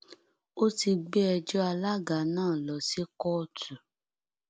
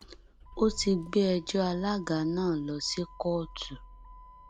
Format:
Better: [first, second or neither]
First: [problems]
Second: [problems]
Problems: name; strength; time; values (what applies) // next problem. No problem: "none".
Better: first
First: none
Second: background sound (Motor vehicle (road)); 18 dB below the speech